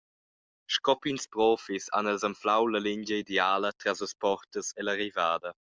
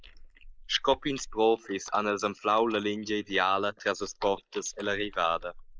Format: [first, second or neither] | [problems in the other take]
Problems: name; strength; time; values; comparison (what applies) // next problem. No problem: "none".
first | noise reduction (neural mask model Resemble Enhance denoiser)